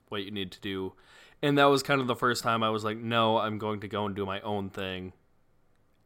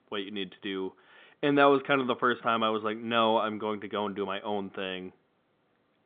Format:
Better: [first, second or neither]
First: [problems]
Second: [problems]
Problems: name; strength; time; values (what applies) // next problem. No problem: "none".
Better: first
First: none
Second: phone-call audio; nothing above 3.5 kHz